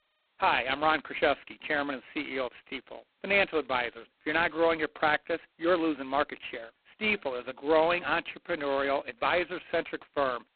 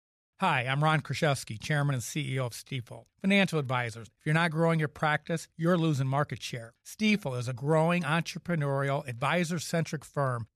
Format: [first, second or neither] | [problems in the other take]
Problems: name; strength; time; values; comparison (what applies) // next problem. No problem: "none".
second | phone-call audio; poor line; nothing above 4 kHz